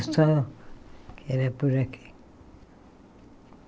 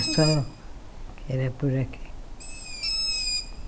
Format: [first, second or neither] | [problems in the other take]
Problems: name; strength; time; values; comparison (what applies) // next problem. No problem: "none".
first | background sound (Bird); 2 dB below the speech